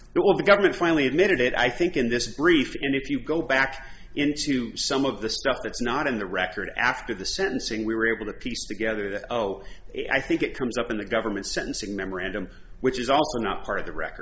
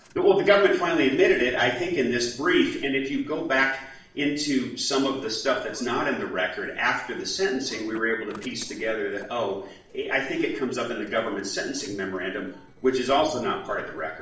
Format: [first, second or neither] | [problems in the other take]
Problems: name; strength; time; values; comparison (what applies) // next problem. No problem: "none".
first | noise reduction (neural separator model SepFormer DNS4)